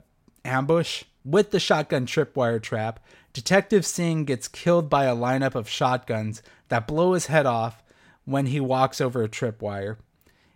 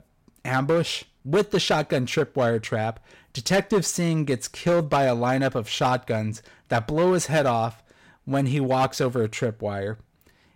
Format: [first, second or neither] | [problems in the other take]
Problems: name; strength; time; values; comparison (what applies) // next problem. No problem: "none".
first | distortion; slight; 5% of the sound clipped